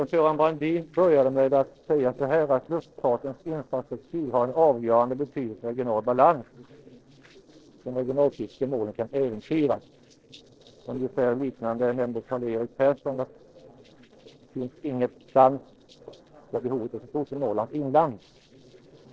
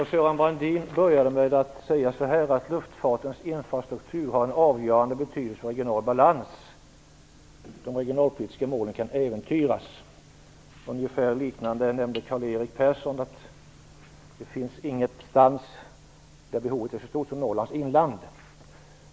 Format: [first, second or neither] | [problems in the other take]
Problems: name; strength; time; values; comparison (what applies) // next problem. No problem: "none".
second | noise reduction (neural separator model SepFormer DNS4)